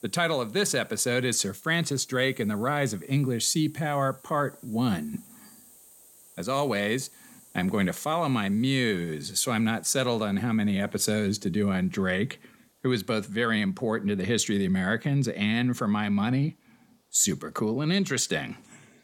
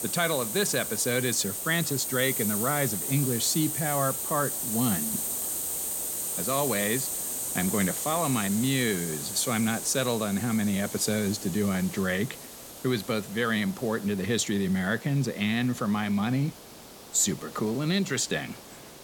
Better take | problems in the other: first | hiss; loud; throughout; 2 dB below the speech; faint in the first

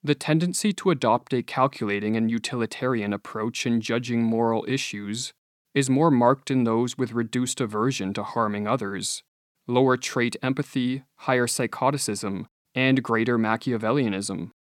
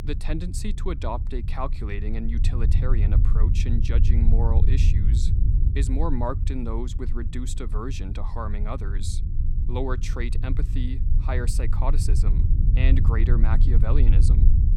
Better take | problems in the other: first | low rumble; loud; throughout; 6 dB below the speech

